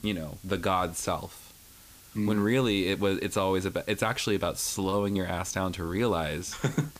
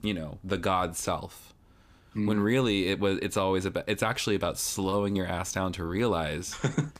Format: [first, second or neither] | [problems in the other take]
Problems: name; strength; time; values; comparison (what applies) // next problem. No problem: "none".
second | hiss; faint; throughout; 25 dB below the speech